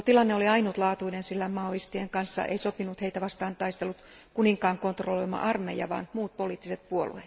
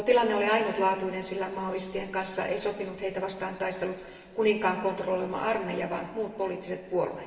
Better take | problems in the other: first | room echo; dies away in 2.6 s

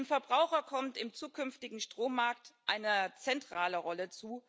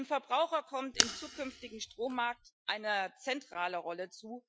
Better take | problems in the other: first | noise reduction (classical method Wiener filter)

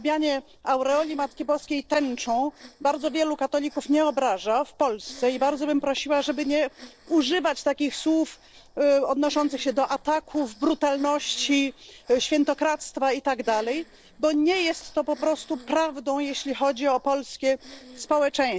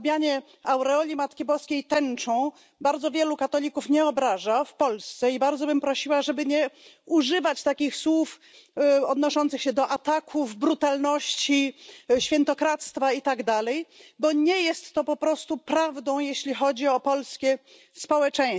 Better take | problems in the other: second | noise reduction (neural separator model SepFormer DNS4)

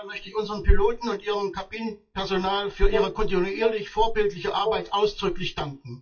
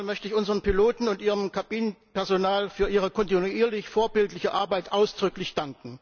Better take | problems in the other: second | noise reduction (classical method WPE with log-MMSE)

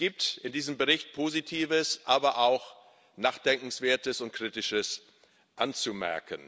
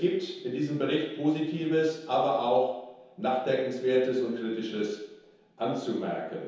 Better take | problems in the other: first | room echo; dies away in 0.9 s

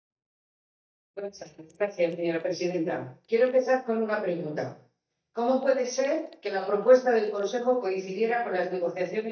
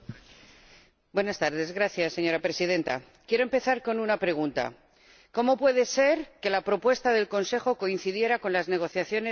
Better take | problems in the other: second | noise reduction (neural mask model DeepFilterNet 3)

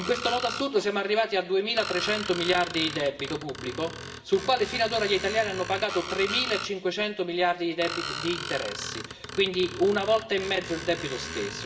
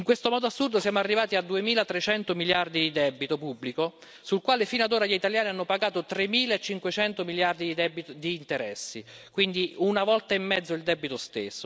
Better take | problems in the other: second | background sound (Screech); 10 dB below the speech // room echo; dies away in 1.4 s

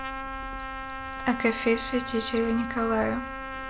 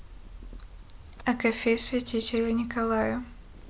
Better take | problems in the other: second | background sound (Trumpet); 7 dB below the speech

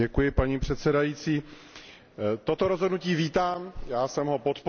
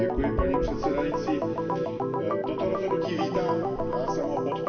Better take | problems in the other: first | background sound (Organ); 3 dB above the speech // room echo; dies away in 2.5 s

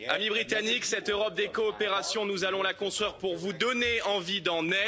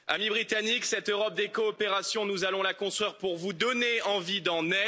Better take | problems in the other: second | background sound (Fart); 15 dB below the speech

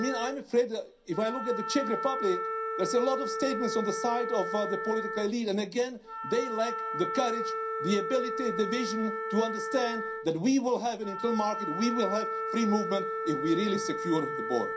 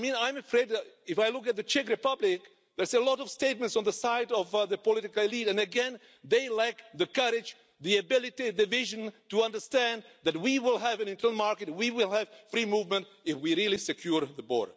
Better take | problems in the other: second | background sound (Wind instrument, woodwind instrument); 4 dB below the speech // room echo; dies away in 0.3 s

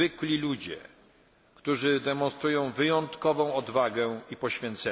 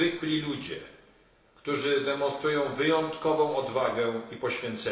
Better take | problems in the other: first | room echo; dies away in 0.7 s

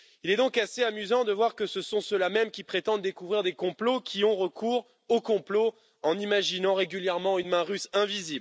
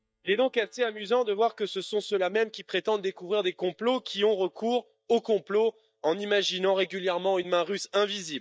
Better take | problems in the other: first | noise reduction (neural mask model DeepFilterNet 3)

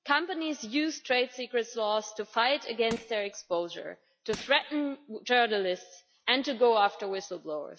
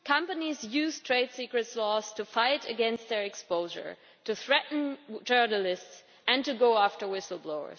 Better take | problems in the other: second | noise reduction (classical method log-MMSE)

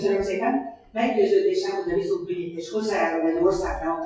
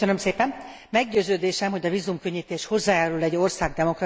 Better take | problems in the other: second | noise reduction (classical method WPE with log-MMSE)

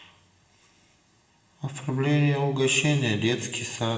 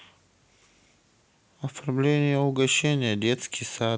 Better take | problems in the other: second | room echo; dies away in 1.1 s

